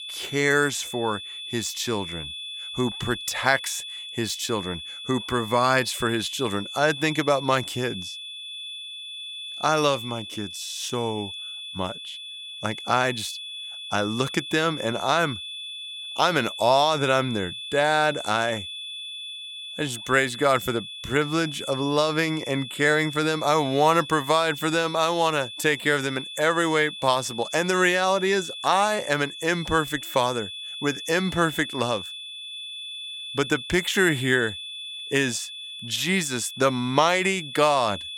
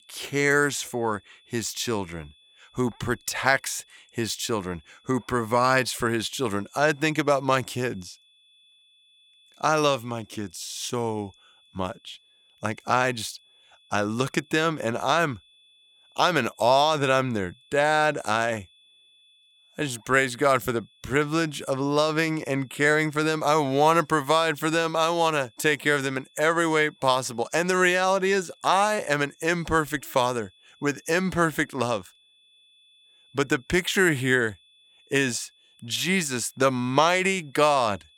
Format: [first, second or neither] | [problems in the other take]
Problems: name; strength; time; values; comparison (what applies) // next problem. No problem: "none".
second | high-pitched whine; loud; throughout; 3.5 kHz, 10 dB below the speech; faint in the second